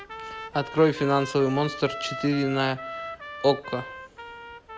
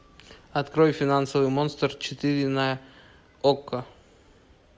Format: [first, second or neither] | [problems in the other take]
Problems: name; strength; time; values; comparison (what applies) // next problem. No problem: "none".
second | background sound (Trumpet); 11 dB below the speech